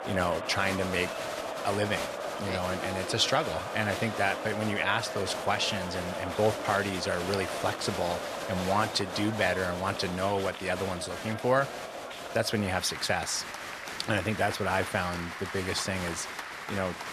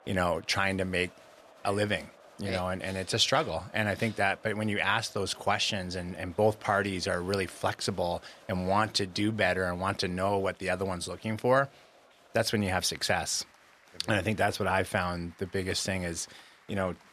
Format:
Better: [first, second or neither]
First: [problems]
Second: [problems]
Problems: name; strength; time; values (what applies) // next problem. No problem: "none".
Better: second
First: crowd noise; loud; throughout; 6 dB below the speech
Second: crowd noise; faint; throughout; 25 dB below the speech